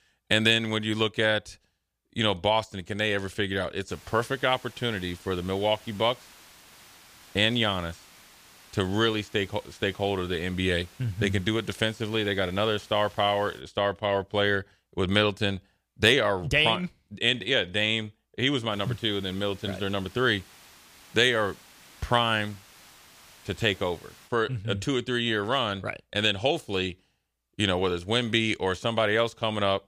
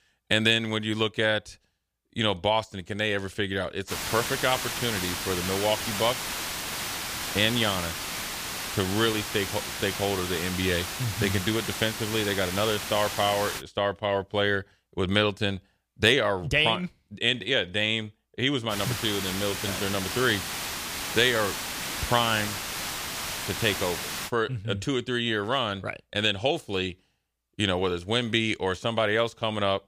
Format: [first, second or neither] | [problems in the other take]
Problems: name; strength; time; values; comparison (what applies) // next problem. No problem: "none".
first | hiss; loud; from 4 to 14 s and from 19 to 24 s; 4 dB below the speech; faint in the first